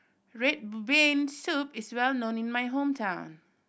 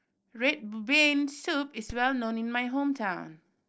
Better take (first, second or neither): first